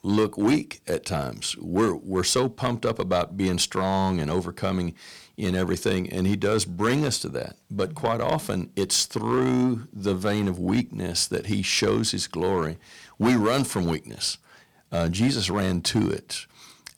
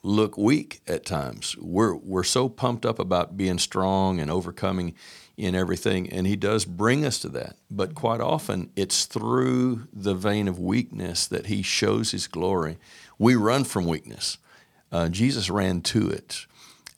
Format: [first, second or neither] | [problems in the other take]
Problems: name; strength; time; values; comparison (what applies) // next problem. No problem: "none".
second | distortion; slight; 3% of the sound clipped